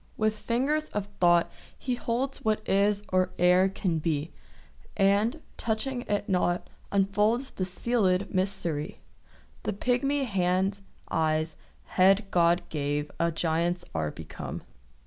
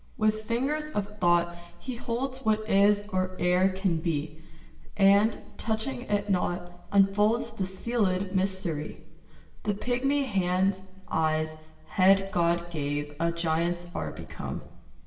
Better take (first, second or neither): first